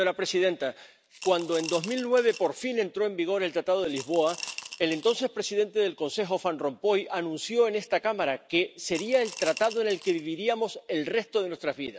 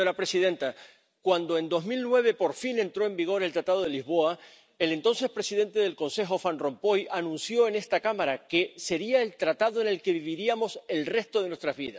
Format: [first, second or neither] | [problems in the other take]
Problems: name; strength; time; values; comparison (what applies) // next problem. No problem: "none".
second | background sound (Coin (dropping) / Glass); 14 dB below the speech